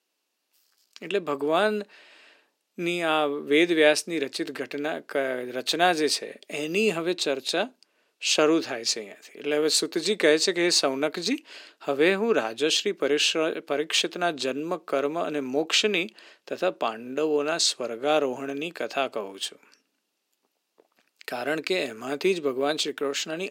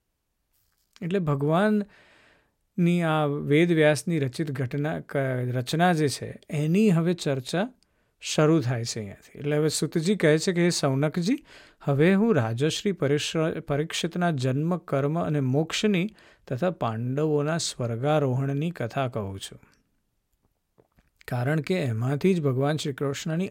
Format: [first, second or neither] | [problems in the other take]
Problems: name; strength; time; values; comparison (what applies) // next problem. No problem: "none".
second | thin; somewhat; fading below 300 Hz